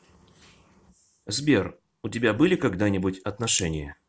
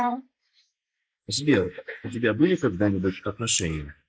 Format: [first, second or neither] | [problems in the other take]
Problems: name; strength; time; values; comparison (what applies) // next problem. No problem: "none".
first | noise reduction (neural mask model Resemble Enhance denoiser)